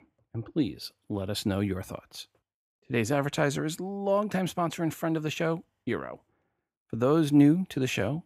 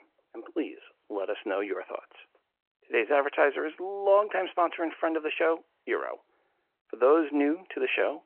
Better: first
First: none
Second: phone-call audio

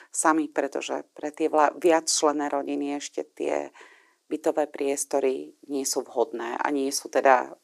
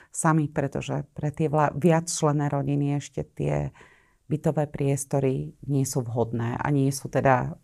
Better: second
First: thin; somewhat; fading below 300 Hz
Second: none

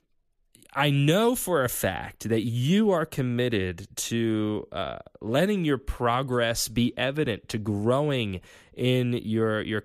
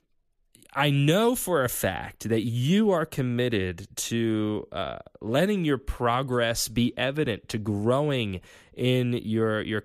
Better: neither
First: none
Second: none

